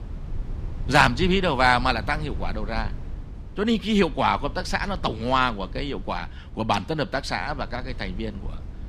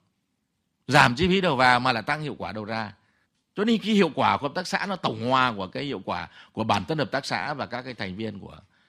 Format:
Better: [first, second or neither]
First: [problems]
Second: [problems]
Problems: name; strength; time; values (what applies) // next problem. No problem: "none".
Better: second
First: low rumble; faint; throughout; 25 dB below the speech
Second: none